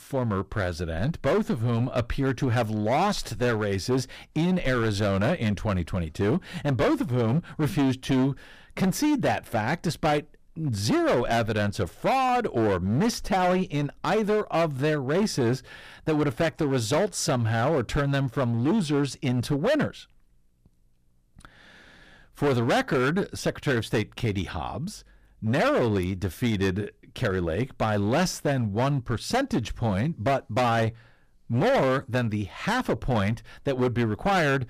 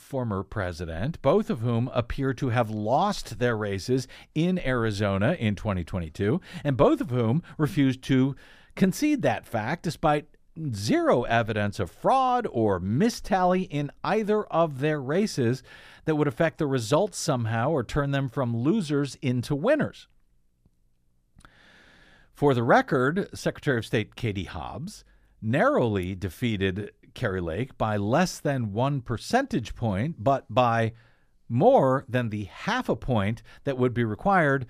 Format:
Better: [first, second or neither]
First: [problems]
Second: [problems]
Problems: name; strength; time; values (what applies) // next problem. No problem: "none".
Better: second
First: distortion; heavy; 13% of the sound clipped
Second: none